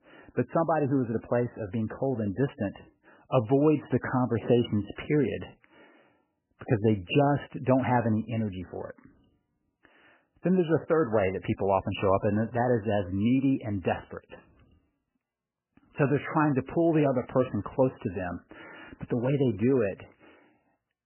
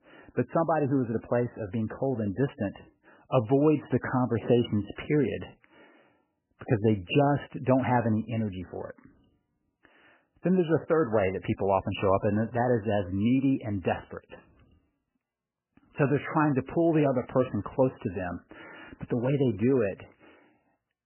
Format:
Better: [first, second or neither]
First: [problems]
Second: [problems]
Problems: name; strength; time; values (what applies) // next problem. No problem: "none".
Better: neither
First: garbled, watery; badly; nothing above 3 kHz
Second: garbled, watery; badly; nothing above 3 kHz